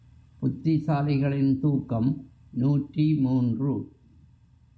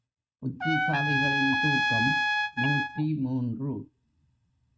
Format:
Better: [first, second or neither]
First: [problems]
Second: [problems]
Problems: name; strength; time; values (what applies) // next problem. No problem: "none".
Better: first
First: none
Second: noise reduction (neural mask model RNNoise)